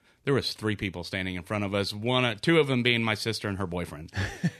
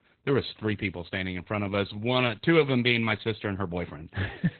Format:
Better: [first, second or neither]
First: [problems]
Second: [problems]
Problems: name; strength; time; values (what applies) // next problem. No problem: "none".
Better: first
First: none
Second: garbled, watery; badly; nothing above 4 kHz